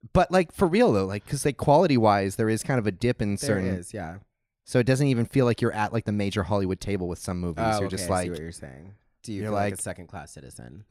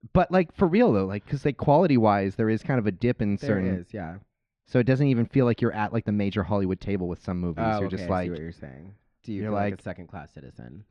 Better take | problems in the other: first | muffled; slightly; fading above 3.5 kHz

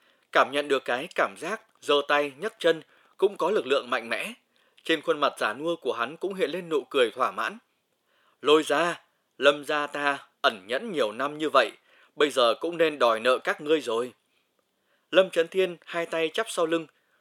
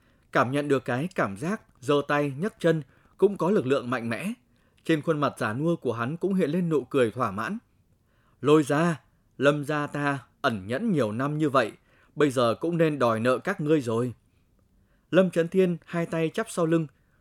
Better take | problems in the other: second | thin; somewhat; fading below 500 Hz

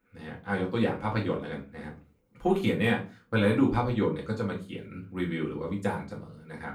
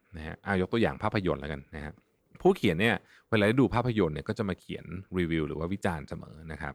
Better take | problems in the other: second | off-mic speech; far // room echo; very slight; dies away in 0.3 s

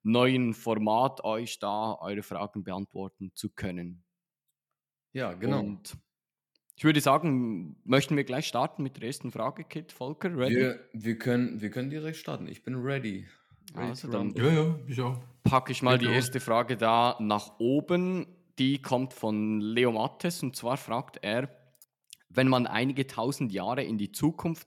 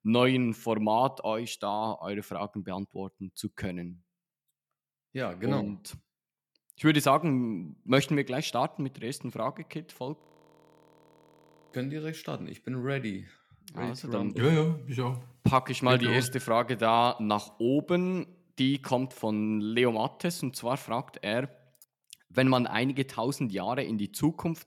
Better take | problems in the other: first | audio freezing; at 10 s for 1.5 s

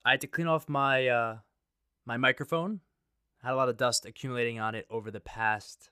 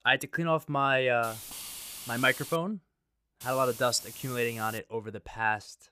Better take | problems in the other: first | hiss; noticeable; from 1 to 2.5 s and from 3.5 to 5 s; 10 dB below the speech

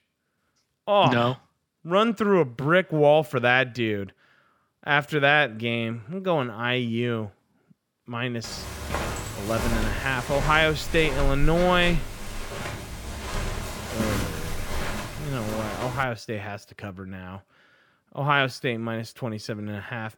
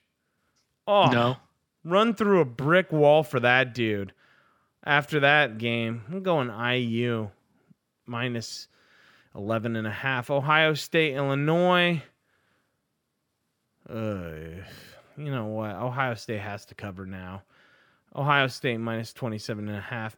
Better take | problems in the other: second | footsteps; noticeable; from 9 to 16 s; peak 4 dB below the speech

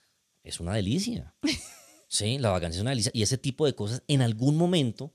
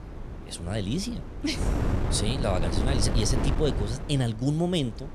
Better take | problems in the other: first | wind noise on the microphone; heavy; 5 dB below the speech

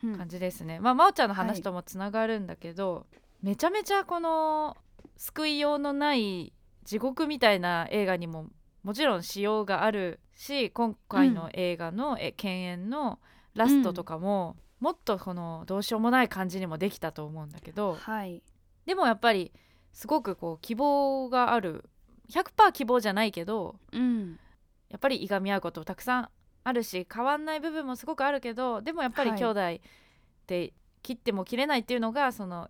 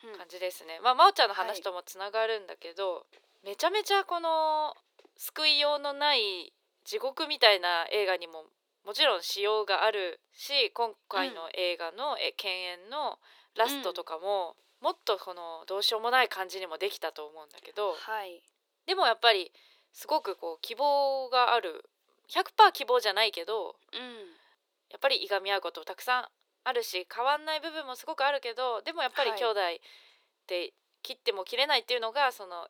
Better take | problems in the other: first | thin; very; fading below 400 Hz

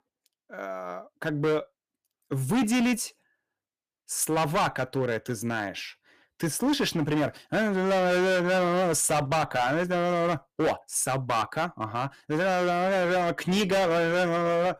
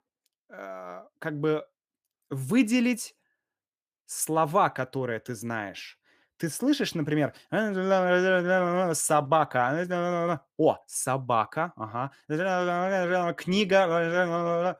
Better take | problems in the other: second | distortion; heavy; 15% of the sound clipped

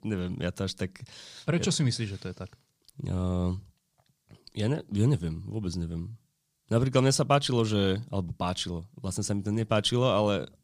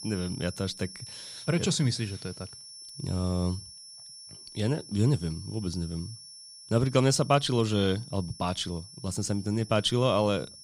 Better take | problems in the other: first | high-pitched whine; noticeable; throughout; 5.5 kHz, 15 dB below the speech

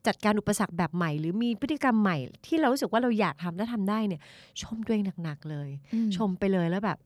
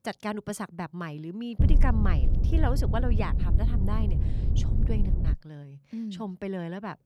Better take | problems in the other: first | wind noise on the microphone; heavy; from 1.5 to 5.5 s; 6 dB below the speech

